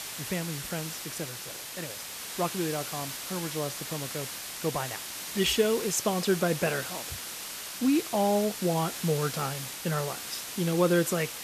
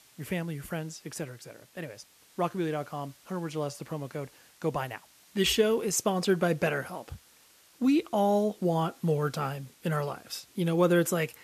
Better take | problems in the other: second | hiss; loud; throughout; 6 dB below the speech; faint in the second

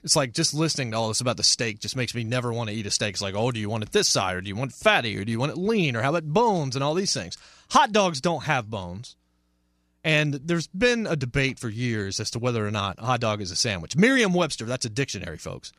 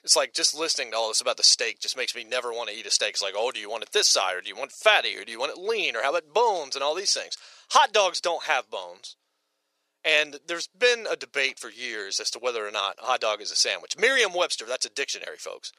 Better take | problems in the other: first | thin; very; fading below 450 Hz

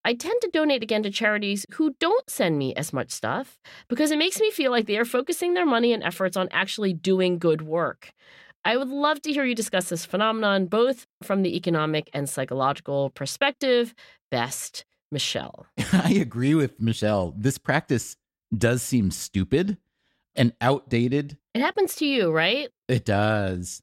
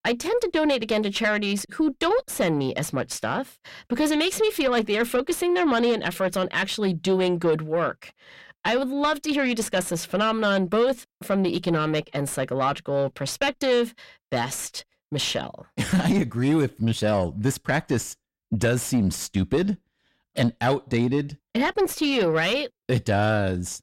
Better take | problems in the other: first | distortion; slight; 10 dB below the speech

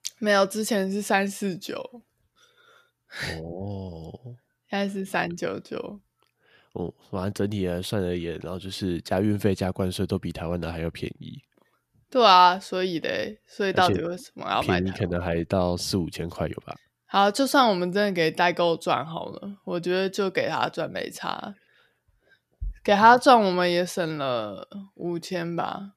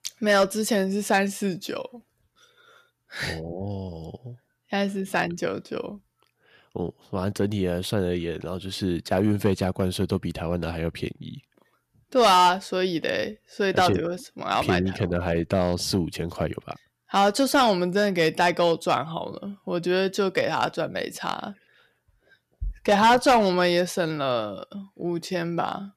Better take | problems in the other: first | distortion; slight; 1.8% of the sound clipped

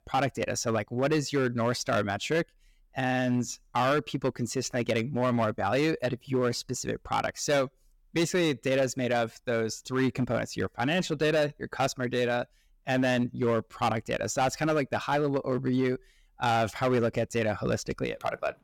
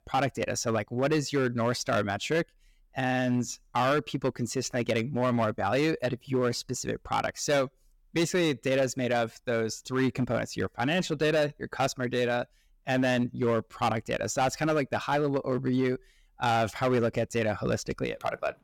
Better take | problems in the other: neither | distortion; slight; 6% of the sound clipped; the same in both

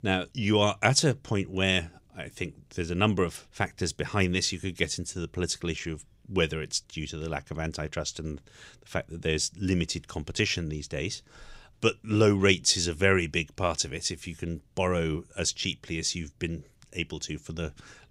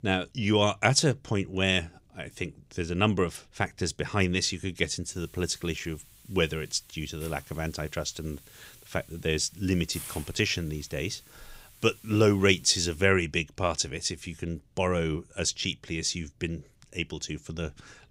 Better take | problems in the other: first | hiss; faint; from 5 to 13 s; 20 dB below the speech

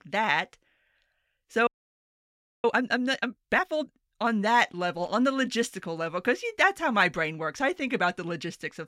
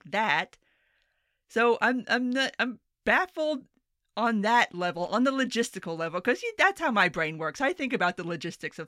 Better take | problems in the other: second | audio freezing; at 1.5 s for 1 s

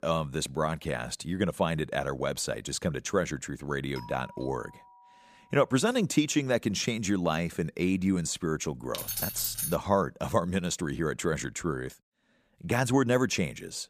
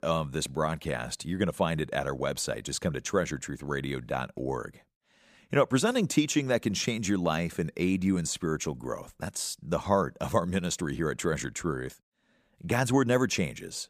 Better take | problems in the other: second | doorbell; faint; from 4 to 5.5 s; peak 15 dB below the speech // jangling keys; noticeable; at 9 s; peak 1 dB below the speech

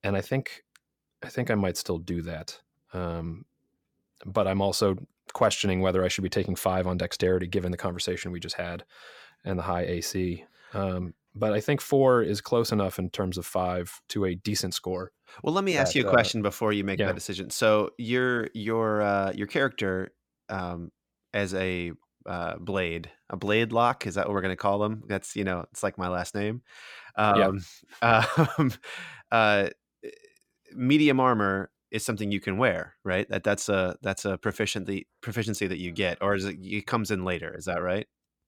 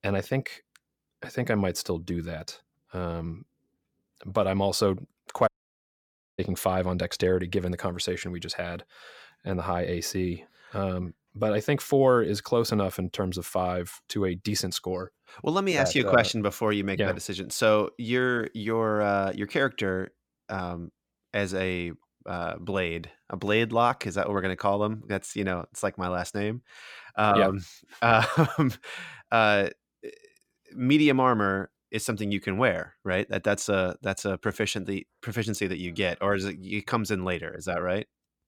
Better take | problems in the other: first | audio cutting out; at 5.5 s for 1 s

